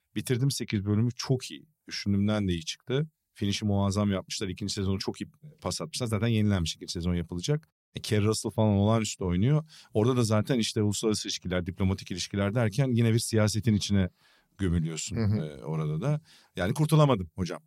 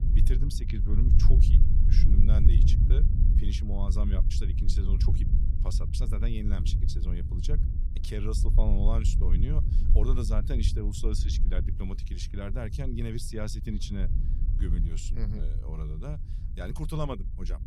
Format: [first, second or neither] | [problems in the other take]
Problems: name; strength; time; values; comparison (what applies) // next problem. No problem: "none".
first | low rumble; loud; throughout; 5 dB below the speech